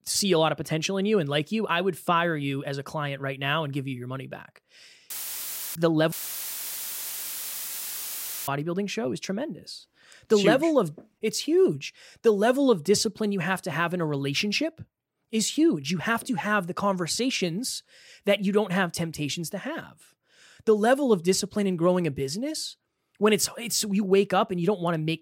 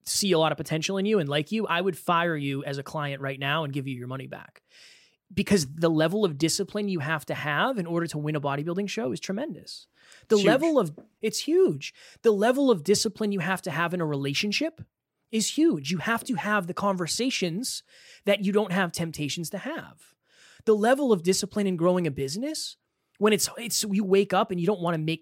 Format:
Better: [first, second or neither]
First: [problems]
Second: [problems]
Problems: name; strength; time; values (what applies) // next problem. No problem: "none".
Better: second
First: audio cutting out; filled with static; at 5 s for 0.5 s and at 6 s for 2.5 s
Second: none